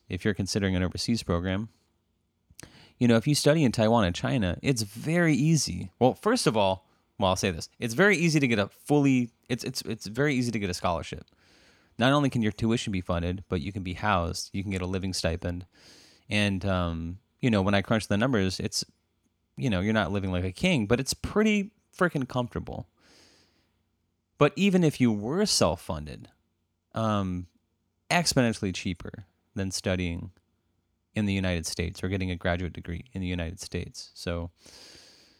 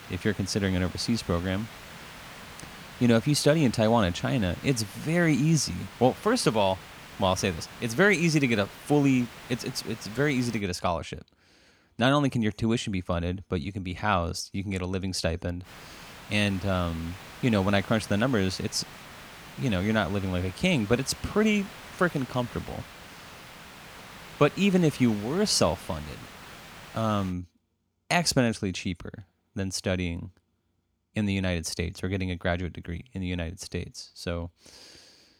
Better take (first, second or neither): first